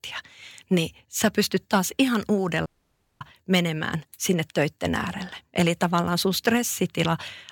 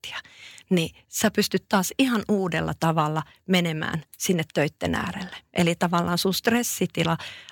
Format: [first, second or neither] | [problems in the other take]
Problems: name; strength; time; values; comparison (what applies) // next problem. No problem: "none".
second | audio cutting out; at 2.5 s for 0.5 s